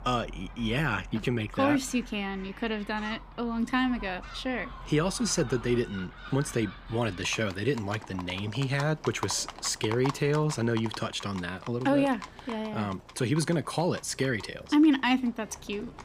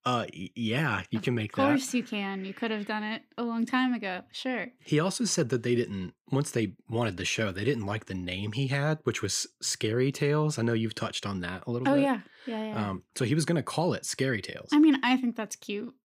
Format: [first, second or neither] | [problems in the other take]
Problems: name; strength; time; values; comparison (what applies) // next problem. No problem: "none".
second | animal sounds; noticeable; throughout; 15 dB below the speech